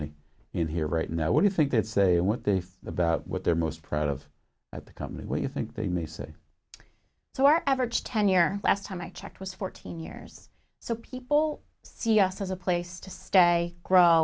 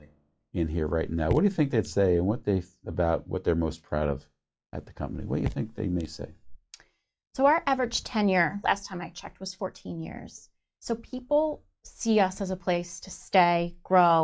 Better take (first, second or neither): first